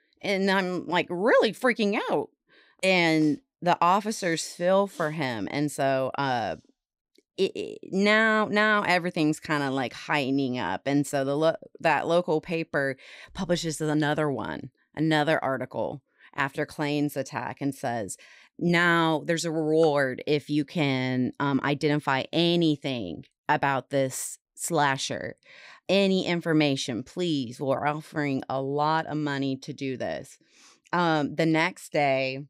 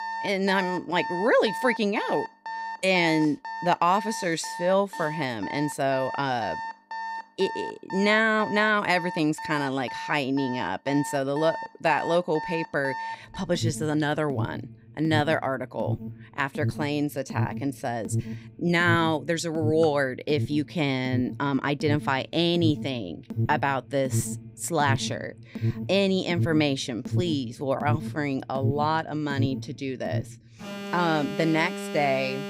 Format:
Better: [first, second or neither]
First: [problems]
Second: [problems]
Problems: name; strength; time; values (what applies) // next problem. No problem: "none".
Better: first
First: none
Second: alarms or sirens; loud; throughout; 8 dB below the speech